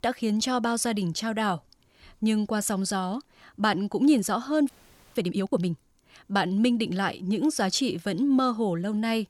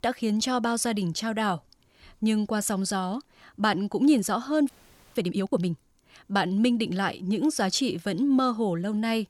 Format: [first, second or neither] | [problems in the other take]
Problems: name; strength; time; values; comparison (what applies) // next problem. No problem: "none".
neither | audio freezing; at 4.5 s; the same in both